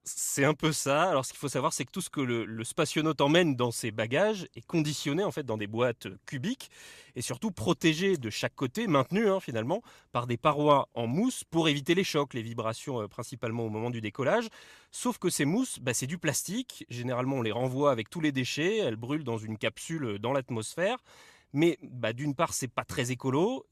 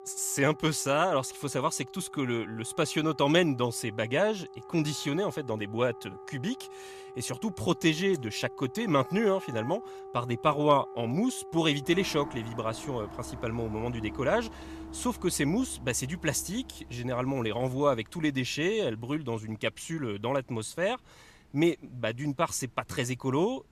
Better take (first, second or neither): first